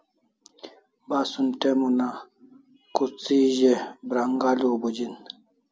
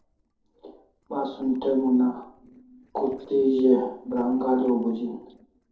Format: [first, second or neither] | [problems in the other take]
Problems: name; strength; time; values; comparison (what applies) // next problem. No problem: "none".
first | noise reduction (neural separator model SepFormer DNS4)